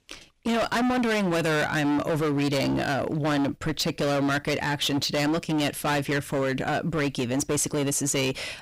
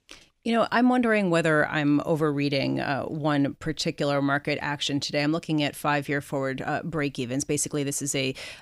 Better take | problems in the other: second | distortion; heavy; 28% of the sound clipped

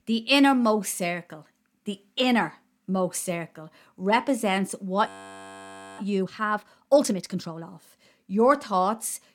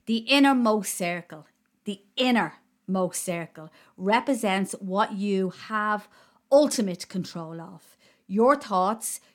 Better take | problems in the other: second | audio freezing; at 5 s for 1 s

